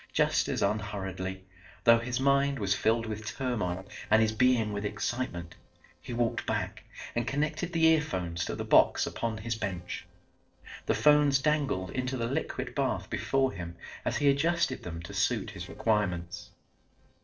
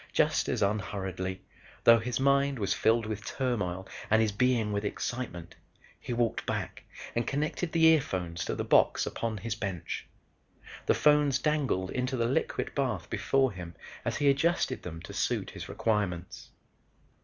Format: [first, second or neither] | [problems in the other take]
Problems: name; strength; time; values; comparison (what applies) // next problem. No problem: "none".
second | noise reduction (neural separator model SepFormer DNS4)